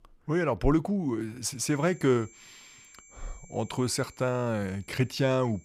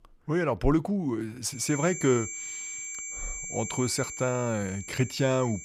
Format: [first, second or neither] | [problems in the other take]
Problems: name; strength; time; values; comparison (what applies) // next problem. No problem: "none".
first | high-pitched whine; loud; from 1.5 s on; 7.5 kHz, 7 dB below the speech; faint in the first